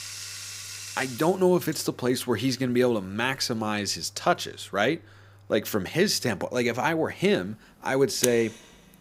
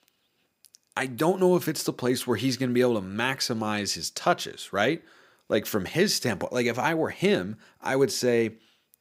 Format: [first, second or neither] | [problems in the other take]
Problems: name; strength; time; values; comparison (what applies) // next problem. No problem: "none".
second | household noises; loud; throughout; 9 dB below the speech